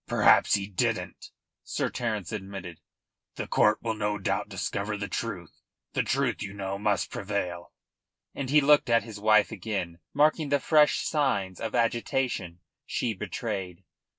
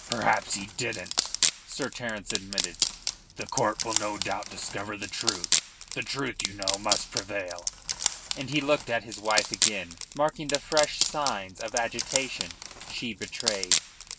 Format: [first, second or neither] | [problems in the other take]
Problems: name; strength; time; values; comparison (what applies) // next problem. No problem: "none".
first | background sound (Wood); as loud as the speech